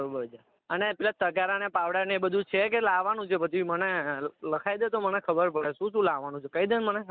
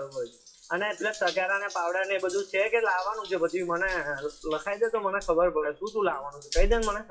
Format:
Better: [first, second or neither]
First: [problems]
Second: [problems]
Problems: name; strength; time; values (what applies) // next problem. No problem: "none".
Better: first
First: none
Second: noise reduction (classical method WPE with log-MMSE)